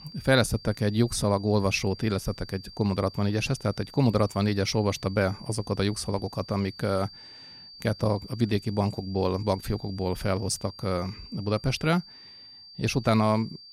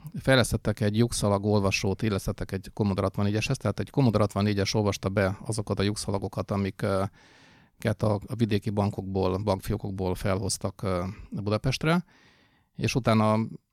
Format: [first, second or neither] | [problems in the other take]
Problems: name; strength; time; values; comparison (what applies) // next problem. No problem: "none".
second | high-pitched whine; noticeable; throughout; 4.5 kHz, 20 dB below the speech